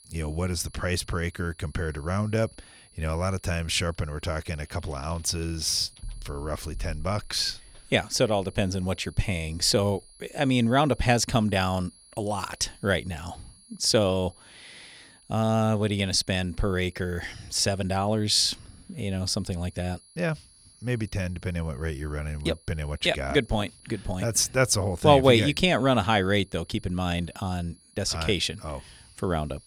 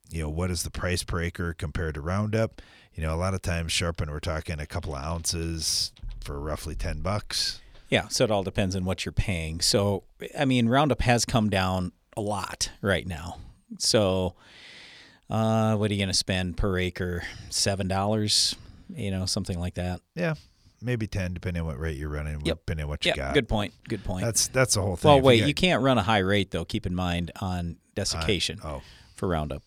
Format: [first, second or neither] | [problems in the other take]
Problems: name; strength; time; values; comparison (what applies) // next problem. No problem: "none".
second | high-pitched whine; faint; throughout; 10.5 kHz, 25 dB below the speech